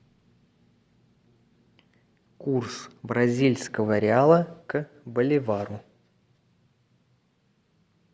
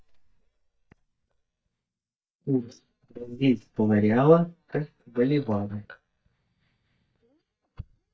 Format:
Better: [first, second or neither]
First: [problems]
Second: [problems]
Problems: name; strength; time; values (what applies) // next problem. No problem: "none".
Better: first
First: none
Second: noise reduction (neural mask model DeepFilterNet 3)